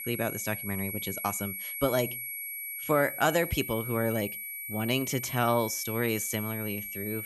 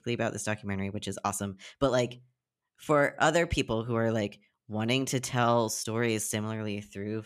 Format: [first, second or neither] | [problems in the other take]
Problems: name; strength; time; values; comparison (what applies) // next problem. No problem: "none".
second | high-pitched whine; loud; throughout; 2.5 kHz, 5 dB below the speech